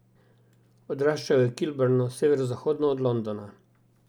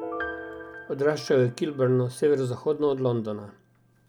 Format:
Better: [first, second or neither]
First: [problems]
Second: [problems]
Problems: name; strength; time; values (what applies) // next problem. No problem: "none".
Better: first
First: none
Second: background sound (Piano); 14 dB below the speech